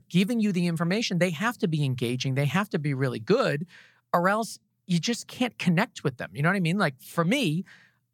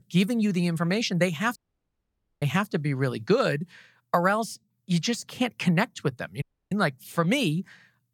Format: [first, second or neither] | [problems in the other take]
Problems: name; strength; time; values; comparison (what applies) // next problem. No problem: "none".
first | audio cutting out; at 1.5 s for 1 s and at 6.5 s